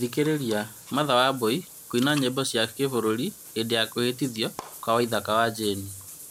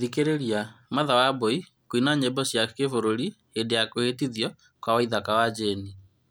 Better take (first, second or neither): second